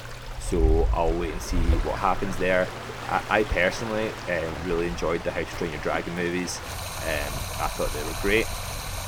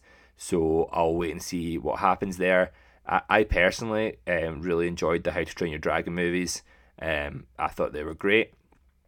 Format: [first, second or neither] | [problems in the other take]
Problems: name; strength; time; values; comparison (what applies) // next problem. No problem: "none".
second | rain or running water; loud; throughout; 5 dB below the speech